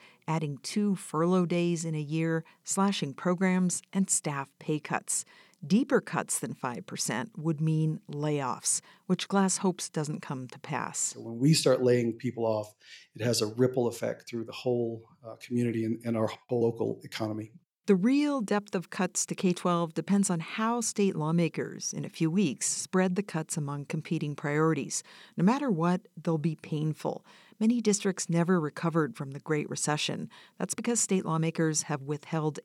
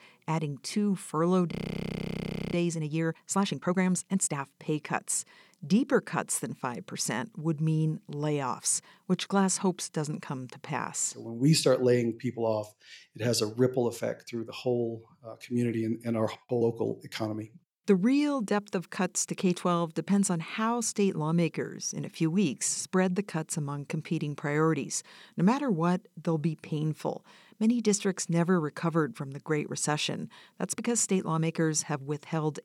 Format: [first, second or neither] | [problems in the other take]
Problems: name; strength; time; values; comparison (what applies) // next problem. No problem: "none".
first | audio freezing; at 1.5 s for 1 s